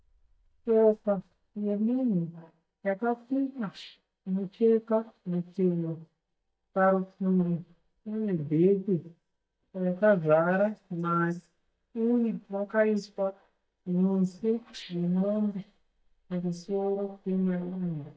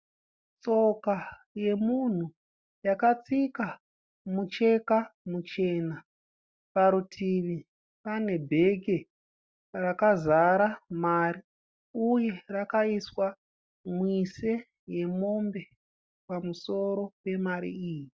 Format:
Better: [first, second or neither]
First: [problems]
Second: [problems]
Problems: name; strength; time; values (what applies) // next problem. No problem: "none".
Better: second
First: noise reduction (neural mask model DeepFilterNet 3)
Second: none